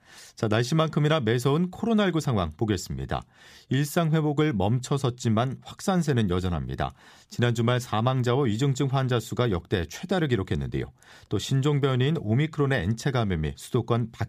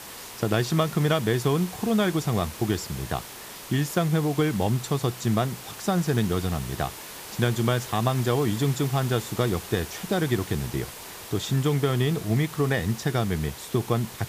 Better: first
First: none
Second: hiss; noticeable; throughout; 10 dB below the speech

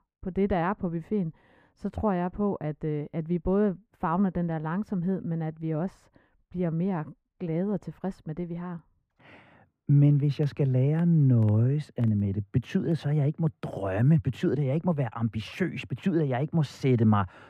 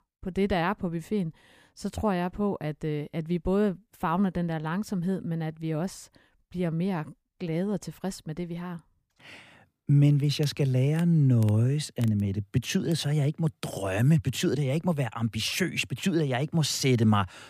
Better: second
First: muffled; very; fading above 3 kHz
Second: none

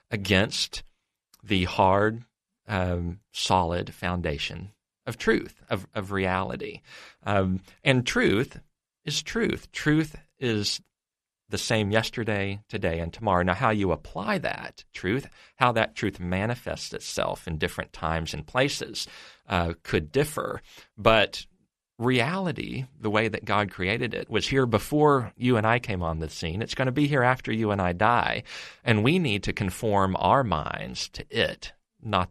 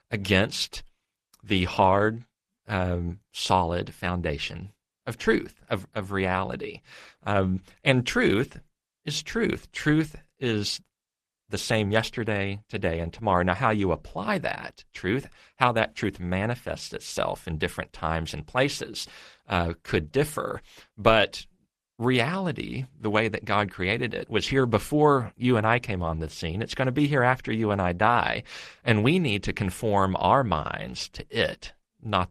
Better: first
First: none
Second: garbled, watery; slightly; nothing above 14 kHz

